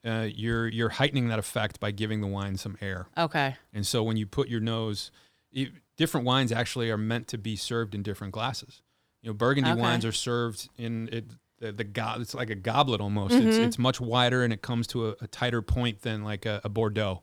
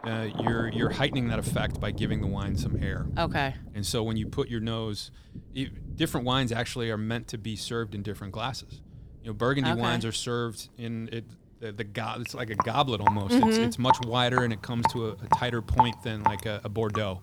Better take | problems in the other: first | rain or running water; loud; throughout; 2 dB below the speech

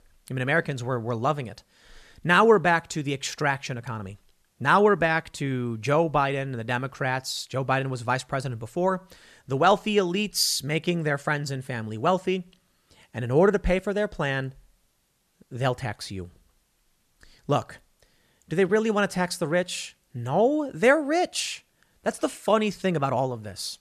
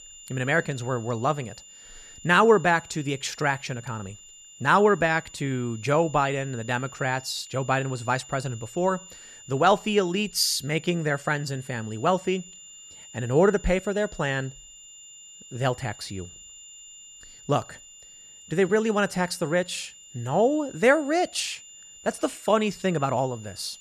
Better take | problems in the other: first | high-pitched whine; noticeable; throughout; 7 kHz, 20 dB below the speech

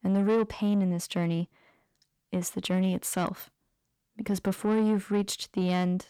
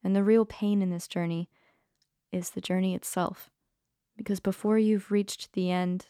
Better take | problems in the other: second | distortion; slight; 10 dB below the speech

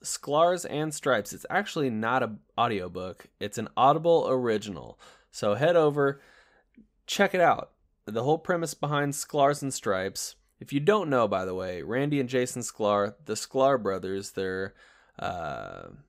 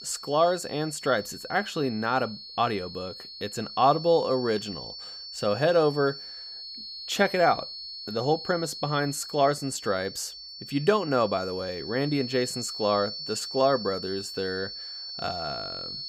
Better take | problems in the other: first | high-pitched whine; loud; throughout; 4.5 kHz, 10 dB below the speech

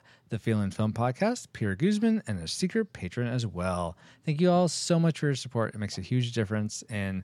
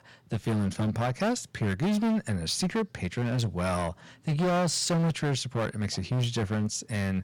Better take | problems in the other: first | distortion; heavy; 19% of the sound clipped

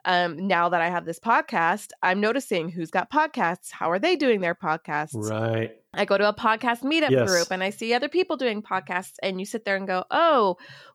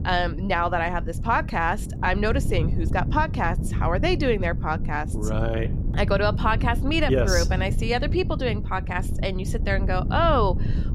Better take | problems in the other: first | wind noise on the microphone; occasional gusts; 15 dB below the speech

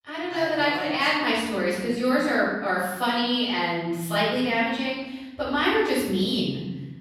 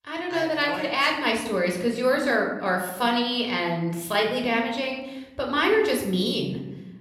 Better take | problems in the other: second | room echo; strong; dies away in 1.2 s; slight in the second // off-mic speech; far; somewhat distant in the second

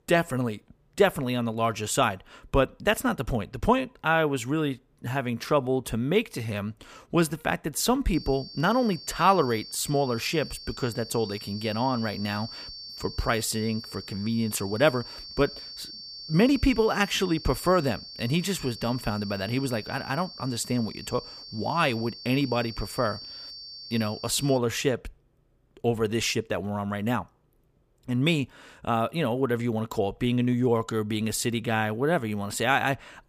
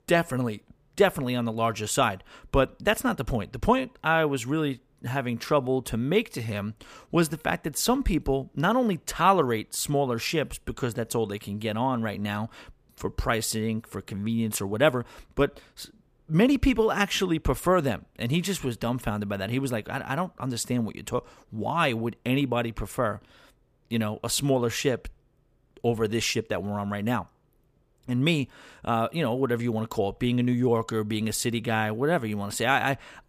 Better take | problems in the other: second | high-pitched whine; noticeable; from 8 to 25 s; 4.5 kHz, 15 dB below the speech

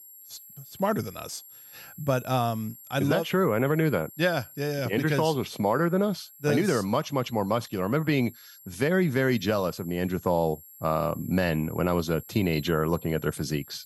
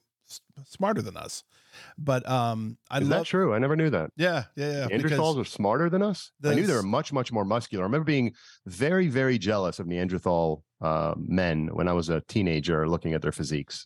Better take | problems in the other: second | high-pitched whine; noticeable; throughout; 11.5 kHz, 20 dB below the speech

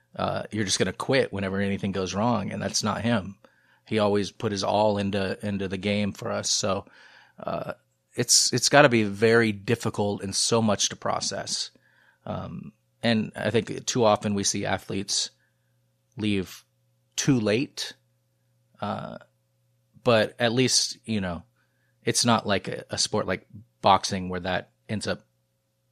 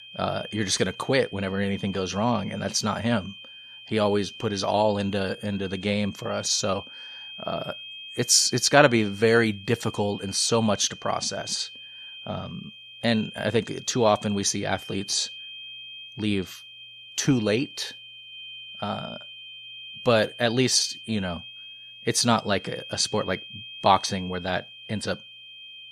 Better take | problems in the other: first | high-pitched whine; noticeable; throughout; 3 kHz, 15 dB below the speech

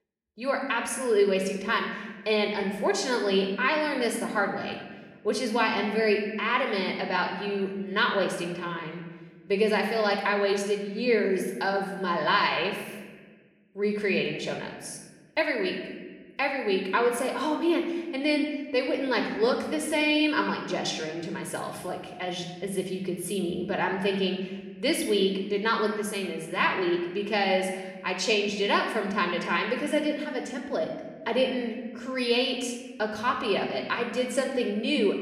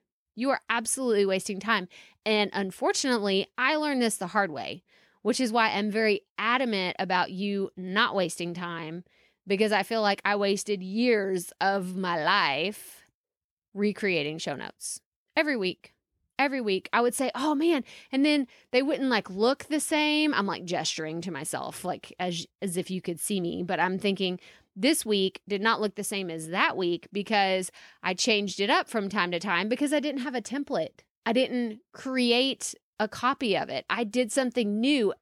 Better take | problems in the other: second | room echo; slight; dies away in 1.2 s

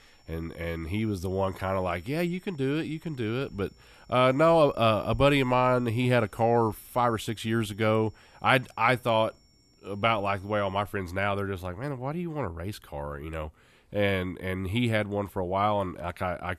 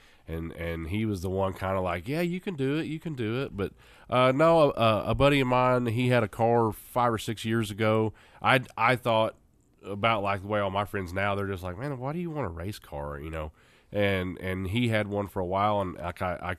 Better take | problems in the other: second | high-pitched whine; faint; until 11 s; 5.5 kHz, 35 dB below the speech

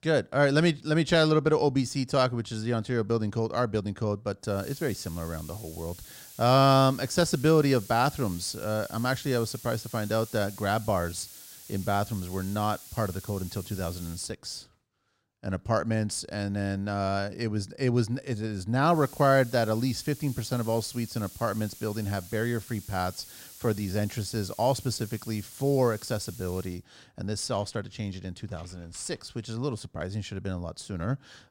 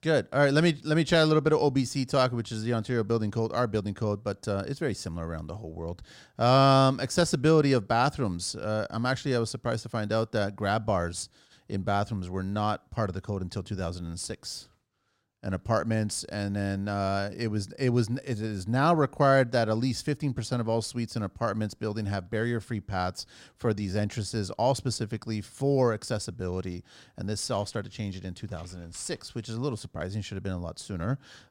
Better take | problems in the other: second | hiss; noticeable; from 4.5 to 14 s and from 19 to 27 s; 15 dB below the speech

